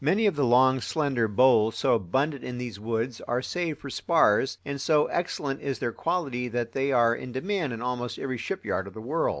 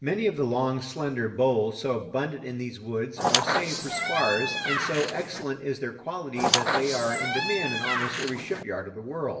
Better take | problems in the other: first | background sound (Squeak); 1 dB above the speech // room echo; dies away in 0.7 s

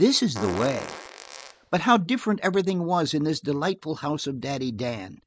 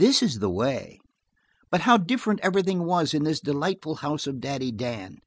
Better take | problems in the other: second | background sound (Fart); 12 dB below the speech

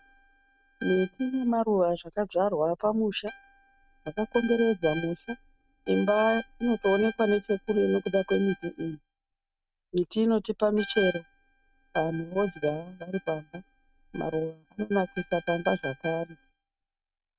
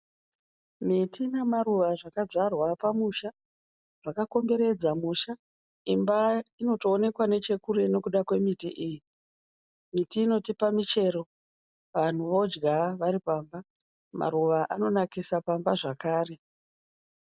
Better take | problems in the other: second | noise reduction (neural mask model RNNoise)

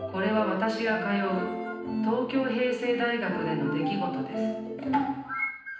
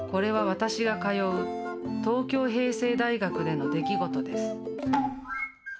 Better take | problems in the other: second | room echo; dies away in 0.9 s

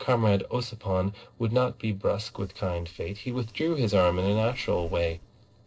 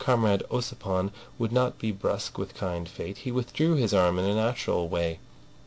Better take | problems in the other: second | noise reduction (neural separator model SepFormer DNS4)

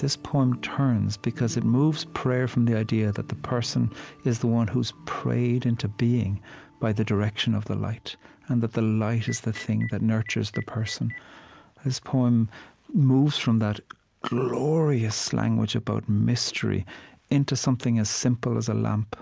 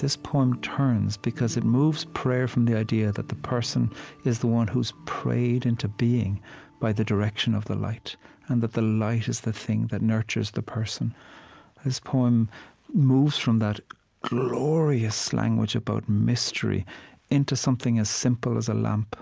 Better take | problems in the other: second | background sound (Telephone); 18 dB below the speech

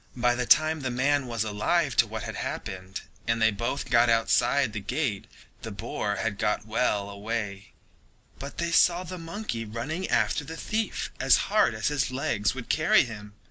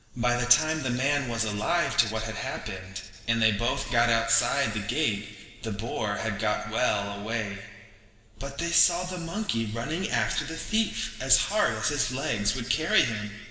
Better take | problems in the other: first | room echo; dies away in 2.3 s

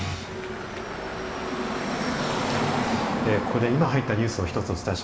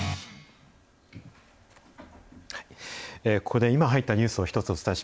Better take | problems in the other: second | background sound (Car passing by / Traffic noise, roadway noise); as loud as the speech // room echo; dies away in 2.1 s

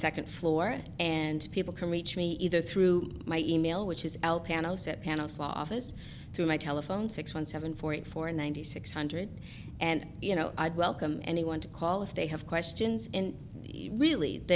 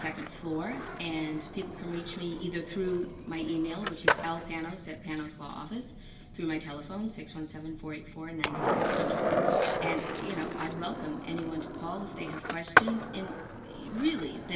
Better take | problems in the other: first | background sound (Skateboard); 2 dB above the speech // room echo; dies away in 0.9 s

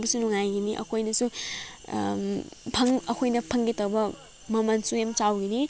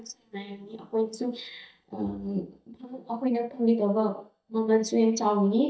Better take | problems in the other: first | noise reduction (neural mask model DeepFilterNet 3)

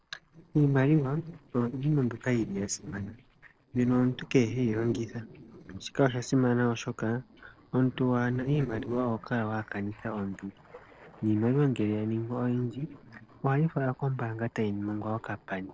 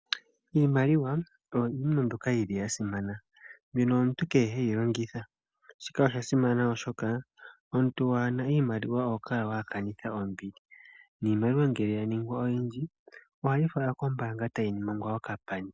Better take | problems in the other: second | noise reduction (neural separator model SepFormer DNS4)

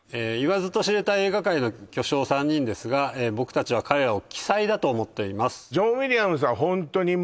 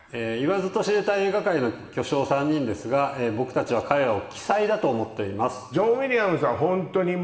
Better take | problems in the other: first | room echo; dies away in 1.7 s

